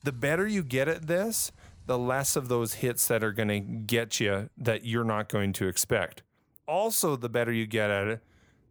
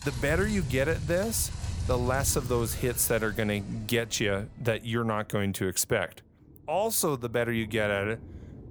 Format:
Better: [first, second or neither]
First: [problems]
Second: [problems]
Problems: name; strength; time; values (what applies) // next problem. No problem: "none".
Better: first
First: rain or running water; faint; throughout; 30 dB below the speech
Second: rain or running water; loud; throughout; 9 dB below the speech